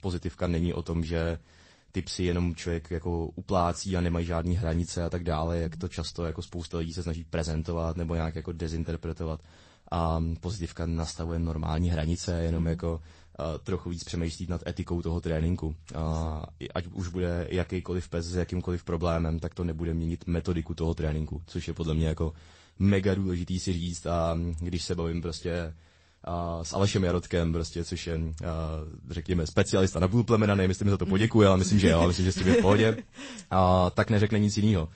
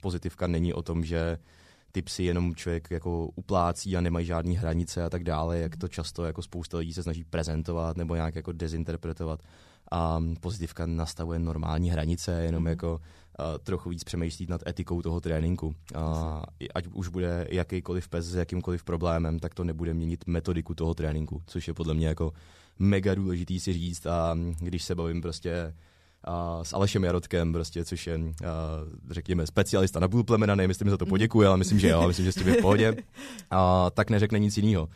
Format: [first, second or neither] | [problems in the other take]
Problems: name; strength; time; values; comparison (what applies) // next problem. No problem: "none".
second | garbled, watery; slightly; nothing above 8 kHz